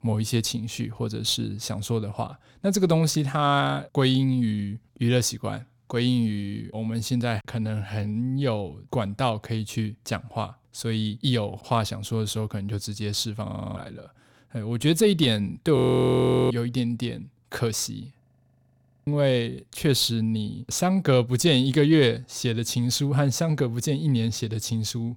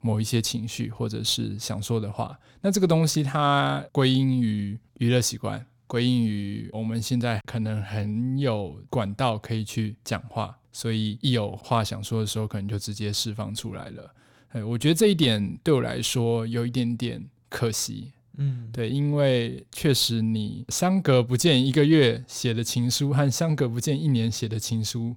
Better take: second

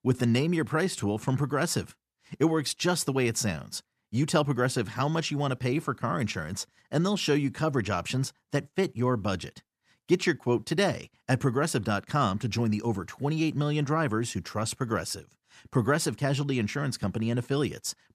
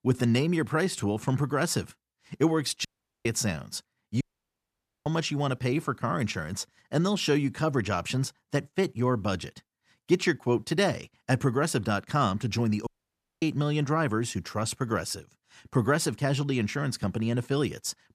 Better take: first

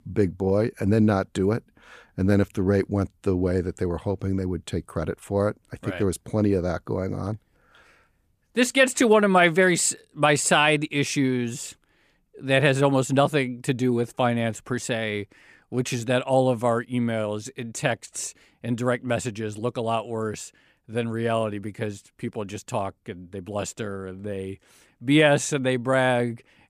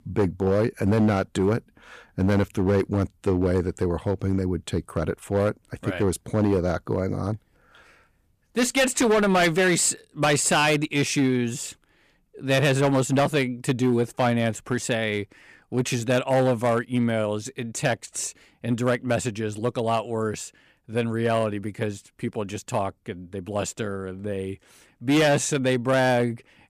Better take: first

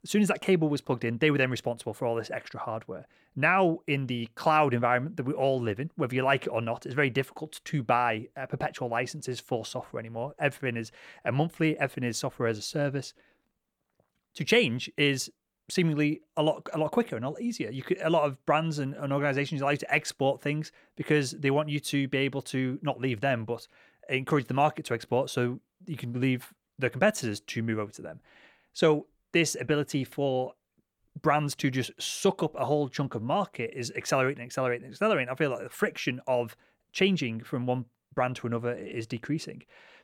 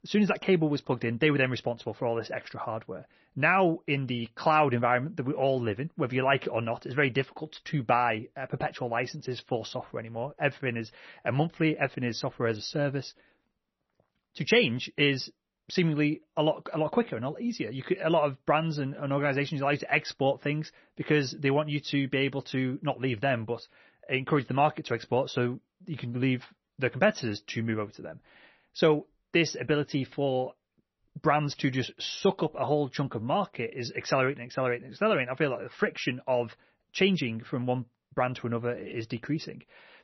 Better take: first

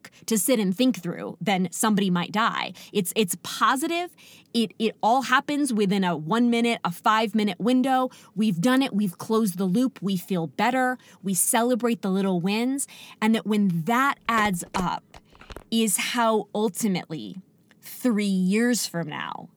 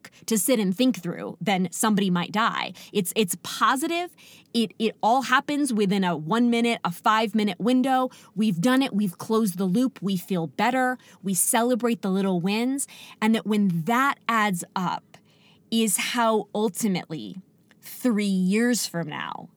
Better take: second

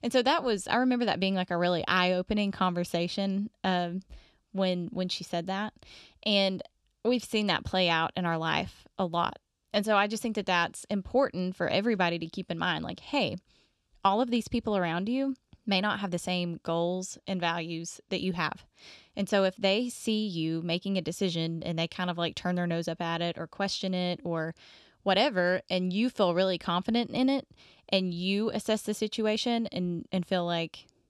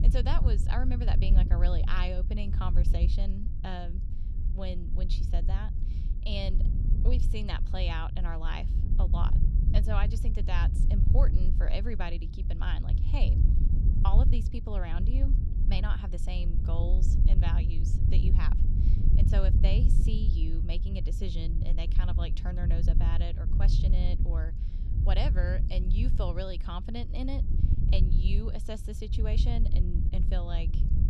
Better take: first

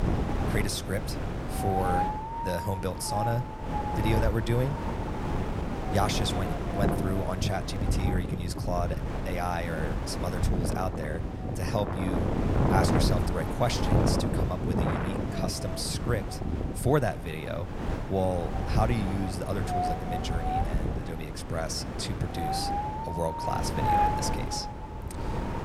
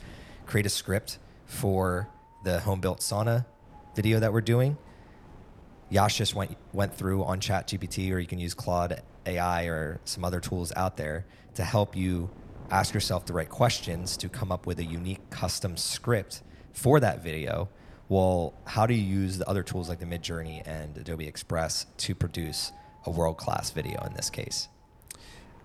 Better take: second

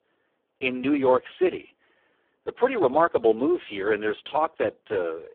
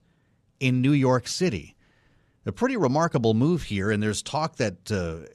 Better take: second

